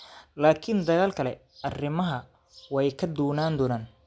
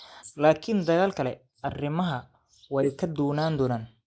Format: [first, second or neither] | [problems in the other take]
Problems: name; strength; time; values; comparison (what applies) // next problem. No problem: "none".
first | noise reduction (neural mask model Resemble Enhance denoiser)